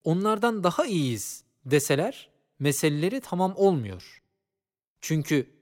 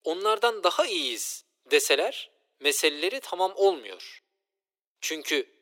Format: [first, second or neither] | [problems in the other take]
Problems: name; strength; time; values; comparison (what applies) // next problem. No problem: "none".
first | thin; very; fading below 350 Hz